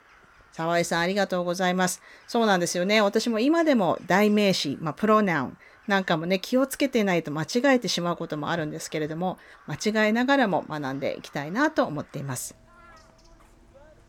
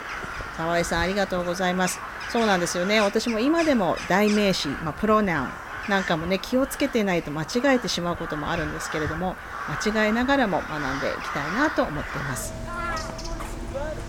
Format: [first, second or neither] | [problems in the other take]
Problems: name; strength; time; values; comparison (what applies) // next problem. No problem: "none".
first | animal sounds; loud; throughout; 8 dB below the speech; faint in the first